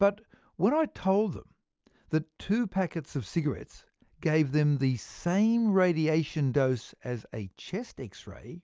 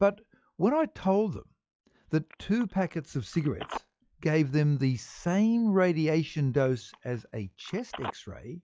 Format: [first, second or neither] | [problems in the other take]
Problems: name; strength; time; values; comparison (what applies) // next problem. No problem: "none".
first | noise reduction (classical method log-MMSE)